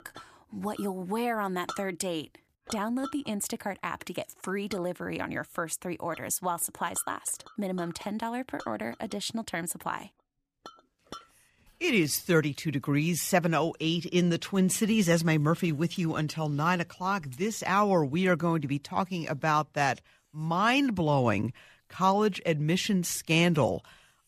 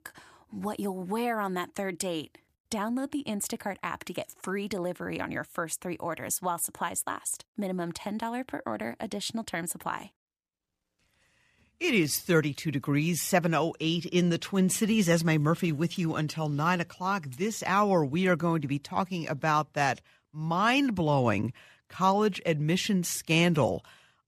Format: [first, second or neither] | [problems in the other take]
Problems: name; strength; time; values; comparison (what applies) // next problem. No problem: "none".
second | household noises; faint; throughout; 20 dB below the speech